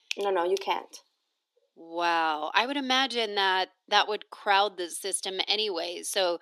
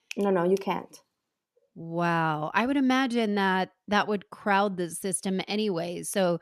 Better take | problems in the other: second | thin; somewhat; fading below 300 Hz

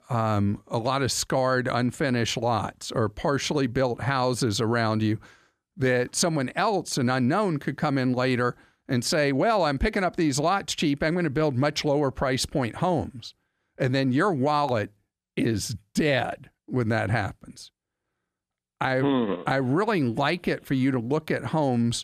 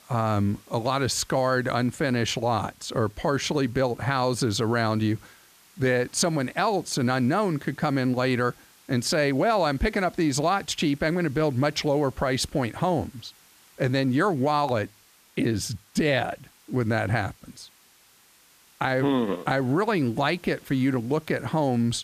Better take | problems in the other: first | hiss; faint; throughout; 30 dB below the speech

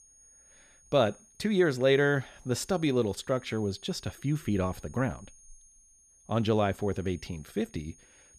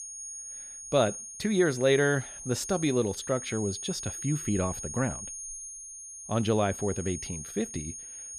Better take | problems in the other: first | high-pitched whine; loud; throughout; 6.5 kHz, 9 dB below the speech; faint in the first

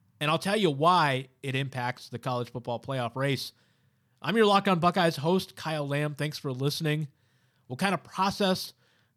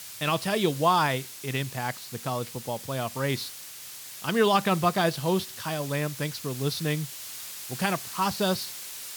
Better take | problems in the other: first | hiss; noticeable; throughout; 10 dB below the speech

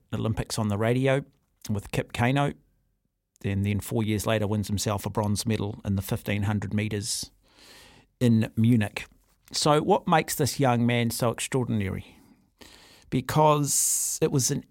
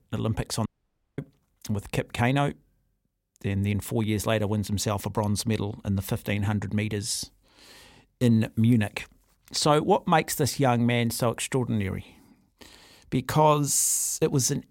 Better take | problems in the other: first | audio cutting out; at 0.5 s for 0.5 s

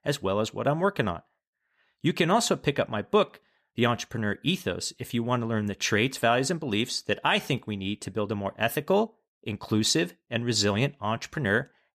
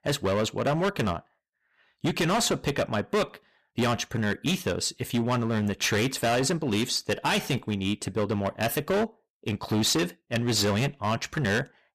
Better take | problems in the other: first | distortion; heavy; 14% of the sound clipped

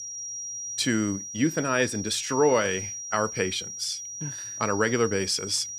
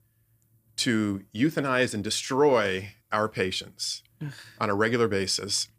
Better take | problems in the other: second | high-pitched whine; loud; throughout; 5.5 kHz, 7 dB below the speech

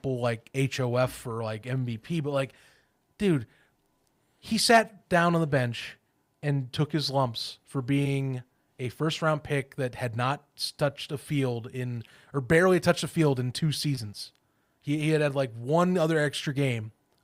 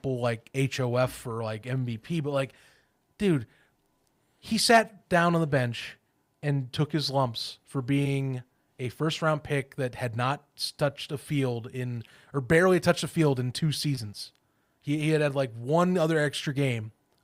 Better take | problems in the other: neither | none

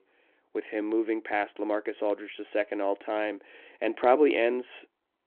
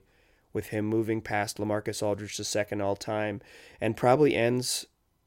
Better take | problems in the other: second | phone-call audio

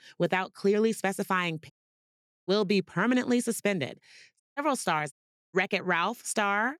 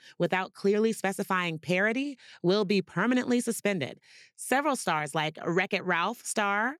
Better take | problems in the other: second | audio cutting out; at 1.5 s for 1 s, at 4.5 s and at 5 s

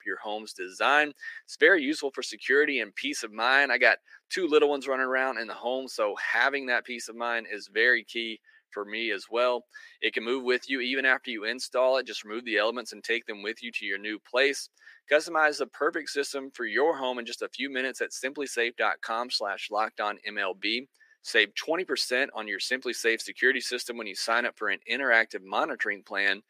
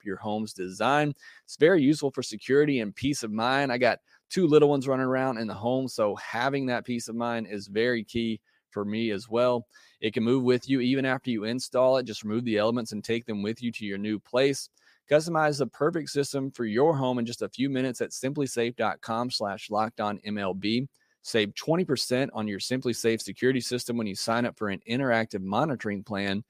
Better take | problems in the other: second | thin; somewhat; fading below 300 Hz

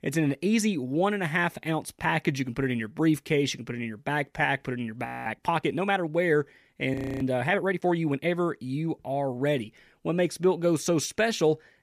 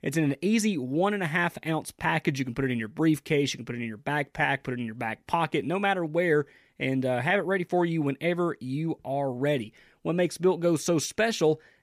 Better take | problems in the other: second | audio freezing; at 5 s and at 7 s

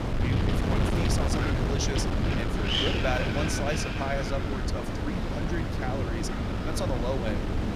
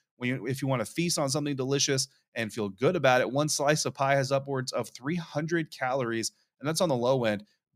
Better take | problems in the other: second | wind noise on the microphone; heavy; 3 dB above the speech

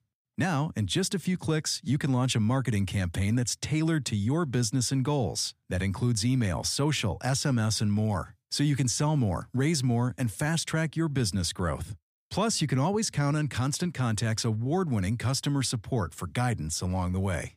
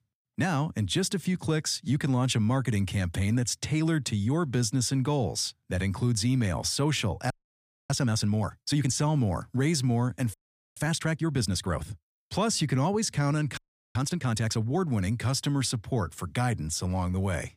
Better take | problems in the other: first | audio freezing; at 7.5 s for 0.5 s, at 10 s and at 14 s

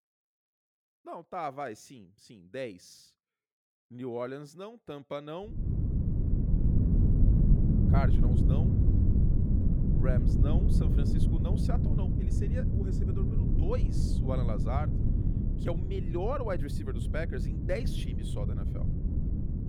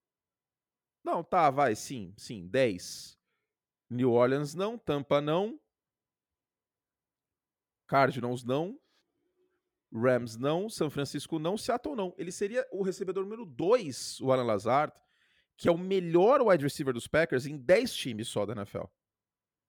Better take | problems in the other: second | wind noise on the microphone; heavy; from 5.5 s on; 1 dB below the speech

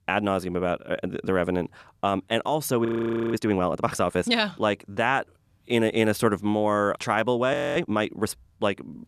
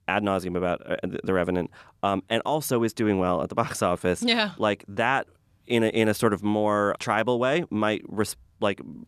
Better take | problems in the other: second | audio freezing; at 3 s and at 7.5 s

